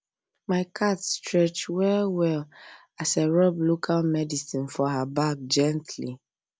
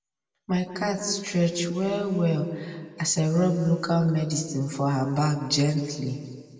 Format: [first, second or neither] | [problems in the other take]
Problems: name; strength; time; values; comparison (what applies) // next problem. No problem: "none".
first | room echo; dies away in 1.7 s